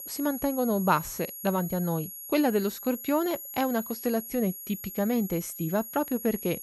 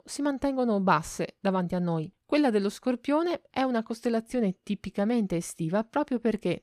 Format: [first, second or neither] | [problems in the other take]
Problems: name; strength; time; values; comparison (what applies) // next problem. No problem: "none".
second | high-pitched whine; loud; throughout; 11.5 kHz, 9 dB below the speech